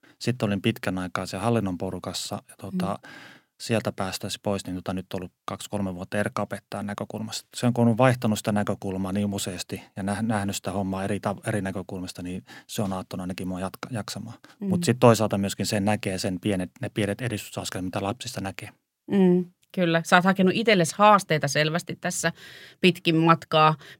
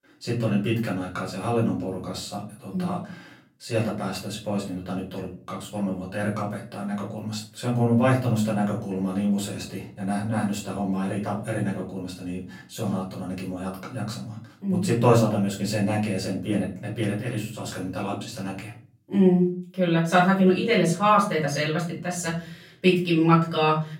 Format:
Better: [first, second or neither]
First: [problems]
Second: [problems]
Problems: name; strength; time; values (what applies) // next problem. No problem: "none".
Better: first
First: none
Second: room echo; slight; dies away in 0.4 s // off-mic speech; far